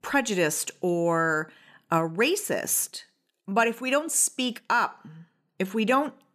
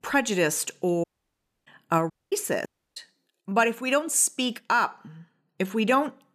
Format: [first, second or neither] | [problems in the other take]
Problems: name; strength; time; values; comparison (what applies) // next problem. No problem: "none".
first | audio cutting out; at 1 s for 0.5 s, at 2 s and at 2.5 s